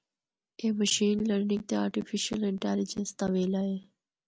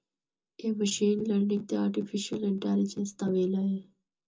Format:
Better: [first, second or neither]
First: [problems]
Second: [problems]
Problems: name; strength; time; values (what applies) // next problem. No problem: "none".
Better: first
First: none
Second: room echo; dies away in 0.2 s